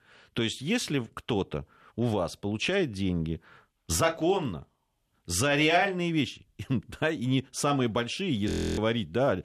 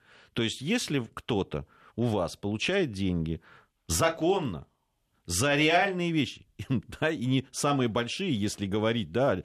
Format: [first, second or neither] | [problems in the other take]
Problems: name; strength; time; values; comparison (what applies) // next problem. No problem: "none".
second | audio freezing; at 8.5 s